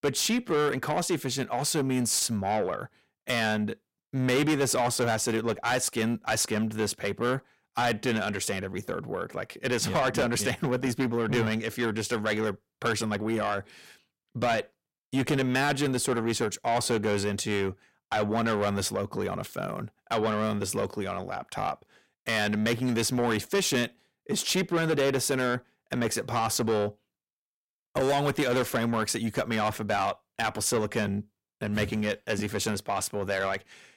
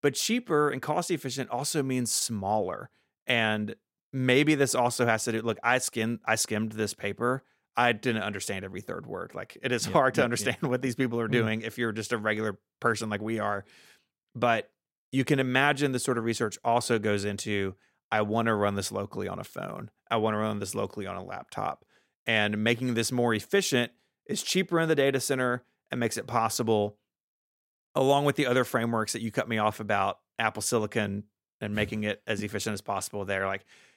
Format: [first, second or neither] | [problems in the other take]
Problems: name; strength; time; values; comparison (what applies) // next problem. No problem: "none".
second | distortion; heavy; 7 dB below the speech